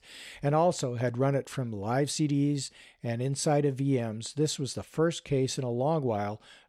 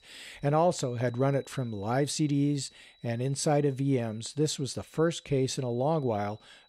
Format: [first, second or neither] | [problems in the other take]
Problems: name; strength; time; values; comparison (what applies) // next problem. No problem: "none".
first | high-pitched whine; faint; throughout; 4 kHz, 30 dB below the speech